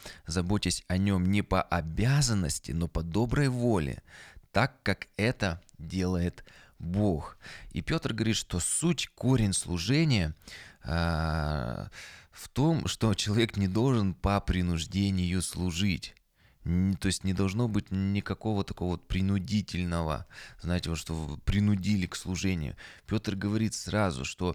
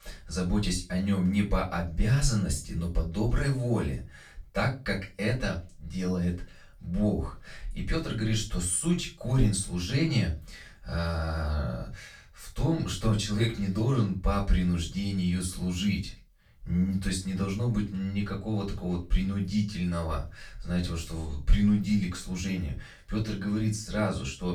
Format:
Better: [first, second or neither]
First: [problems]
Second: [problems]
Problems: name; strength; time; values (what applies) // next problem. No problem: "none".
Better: first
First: none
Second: room echo; slight; dies away in 0.3 s // off-mic speech; far